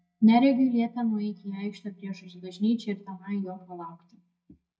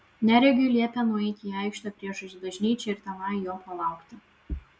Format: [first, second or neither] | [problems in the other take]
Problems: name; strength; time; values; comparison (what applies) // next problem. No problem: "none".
second | noise reduction (neural mask model DeepFilterNet 3)